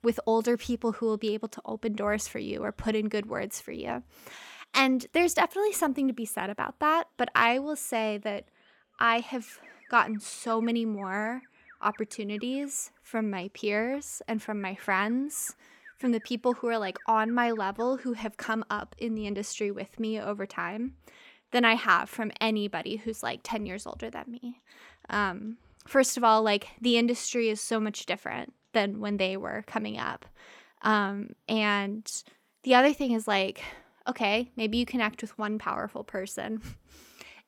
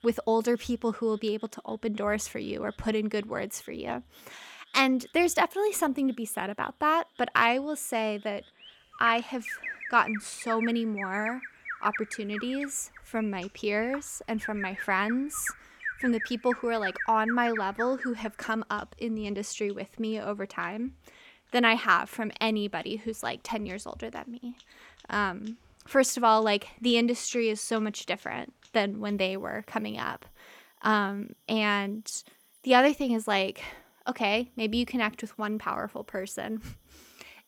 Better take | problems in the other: first | animal sounds; loud; throughout; 9 dB below the speech; faint in the first

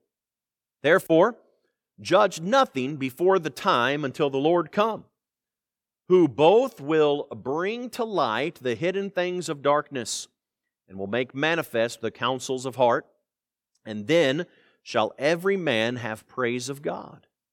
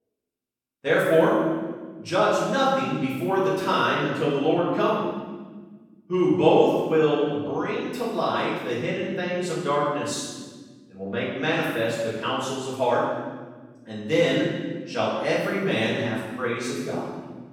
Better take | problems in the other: first | off-mic speech; far // room echo; strong; dies away in 1.3 s

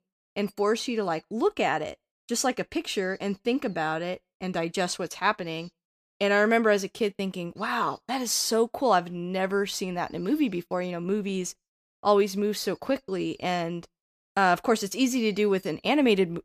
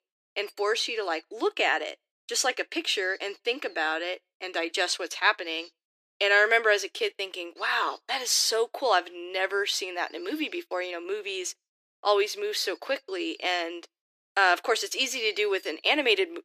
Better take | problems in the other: first | thin; very; fading below 300 Hz

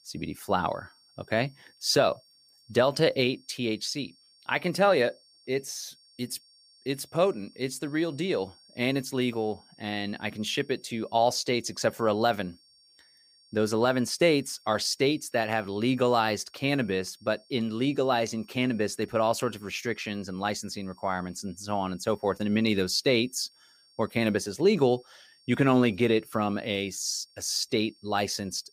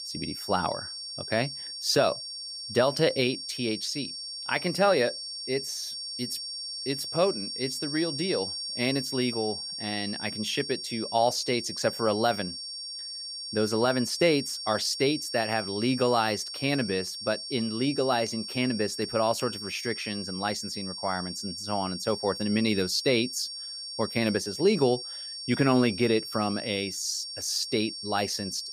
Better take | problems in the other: first | high-pitched whine; loud; throughout; 5.5 kHz, 6 dB below the speech; faint in the first

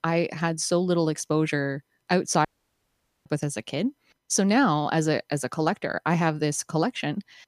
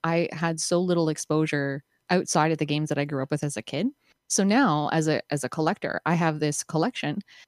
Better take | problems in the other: second | audio cutting out; at 2.5 s for 1 s

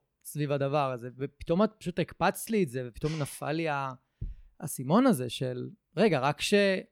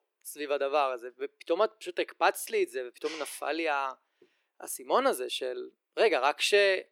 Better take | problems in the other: first | thin; very; fading below 350 Hz

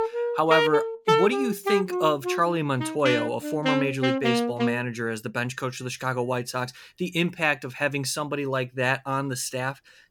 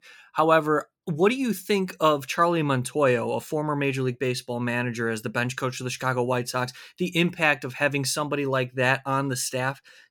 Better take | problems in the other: second | background music; very loud; throughout; as loud as the speech

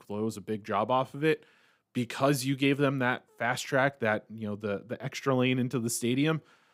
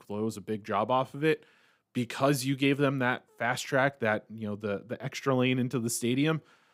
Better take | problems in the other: neither | none

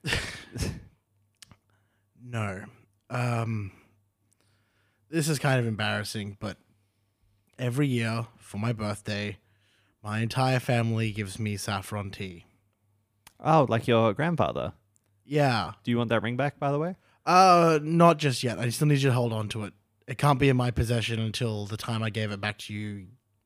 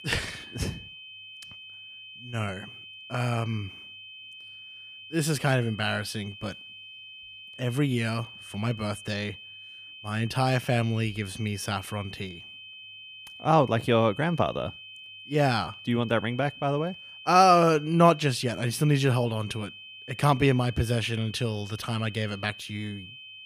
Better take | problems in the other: first | high-pitched whine; noticeable; throughout; 3 kHz, 15 dB below the speech

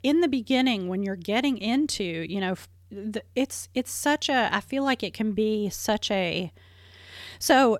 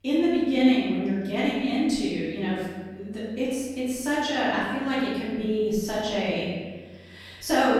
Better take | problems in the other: first | room echo; strong; dies away in 1.3 s // off-mic speech; far

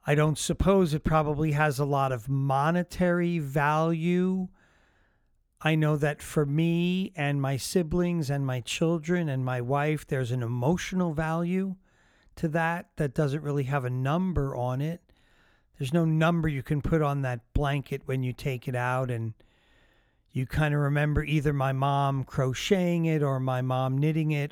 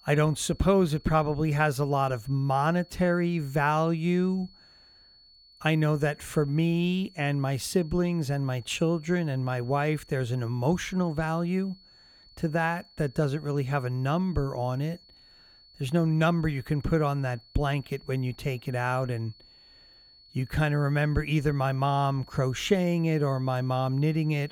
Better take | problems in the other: first | high-pitched whine; faint; throughout; 4.5 kHz, 25 dB below the speech

